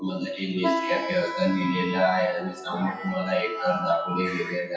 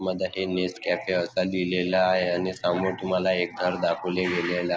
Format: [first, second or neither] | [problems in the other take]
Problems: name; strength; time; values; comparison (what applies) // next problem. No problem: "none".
second | noise reduction (classical method WPE with log-MMSE)